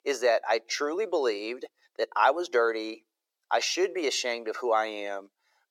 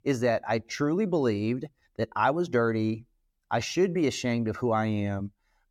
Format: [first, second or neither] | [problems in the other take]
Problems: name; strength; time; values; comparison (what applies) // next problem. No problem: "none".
second | thin; very; fading below 400 Hz